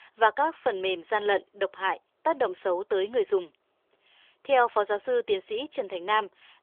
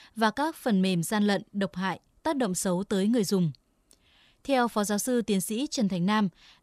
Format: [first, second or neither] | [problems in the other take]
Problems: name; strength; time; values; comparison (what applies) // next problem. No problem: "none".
second | phone-call audio; nothing above 3.5 kHz